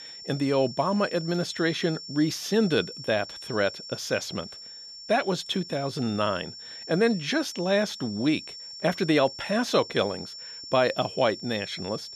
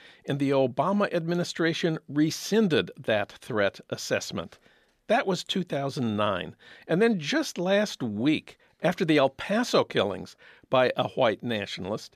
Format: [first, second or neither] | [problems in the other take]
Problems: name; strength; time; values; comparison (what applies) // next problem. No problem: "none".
second | high-pitched whine; noticeable; throughout; 5.5 kHz, 10 dB below the speech